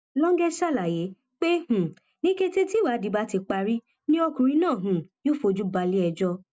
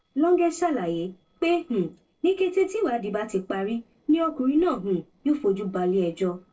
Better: first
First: none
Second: noise reduction (neural separator model SepFormer DNS4)

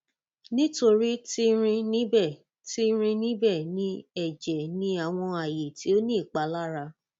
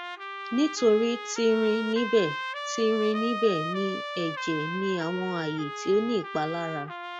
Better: first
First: none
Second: background sound (Trumpet); 8 dB below the speech

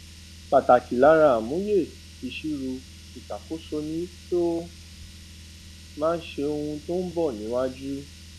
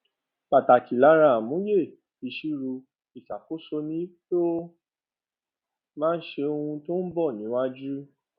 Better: second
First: background sound (Car); 18 dB below the speech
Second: none

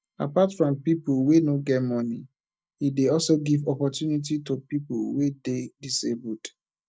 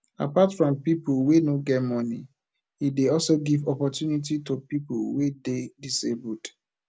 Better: second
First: noise reduction (neural mask model DeepFilterNet 3)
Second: none

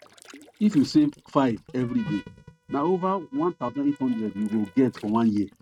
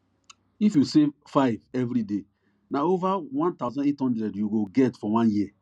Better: second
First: noise reduction (neural mask model RNNoise)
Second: none

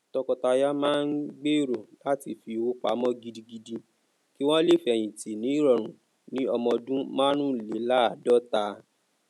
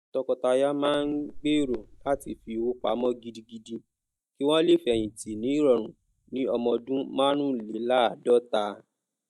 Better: first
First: none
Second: noise reduction (neural mask model DeepFilterNet 3)

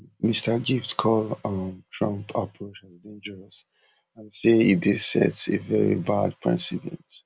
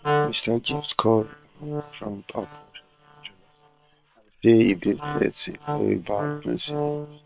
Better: first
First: none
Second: noise reduction (neural separator model SepFormer WHAM!)

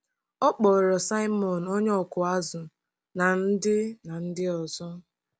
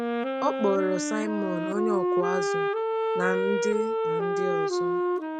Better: first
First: none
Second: background sound (Wind instrument, woodwind instrument); 3 dB above the speech

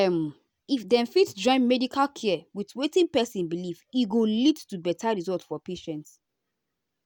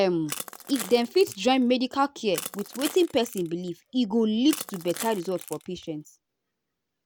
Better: first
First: none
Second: background sound (Crushing); 14 dB below the speech

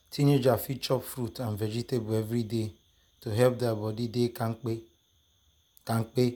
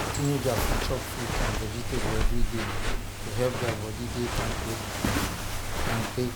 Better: first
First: none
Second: background sound (Walk, footsteps); 4 dB above the speech

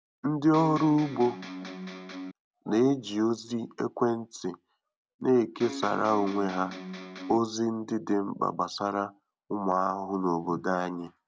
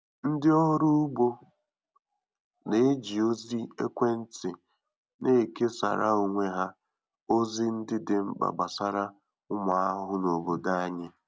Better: second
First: background sound (Electric guitar); 11 dB below the speech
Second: none

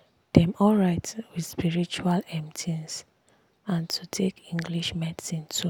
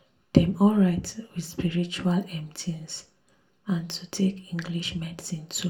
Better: first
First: none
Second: room echo; dies away in 0.3 s

